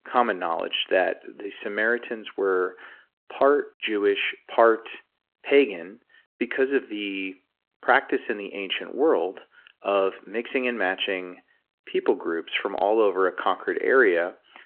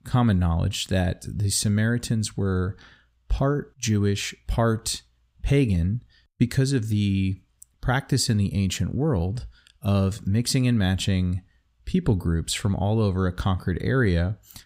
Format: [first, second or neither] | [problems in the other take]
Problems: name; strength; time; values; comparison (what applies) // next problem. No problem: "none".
second | phone-call audio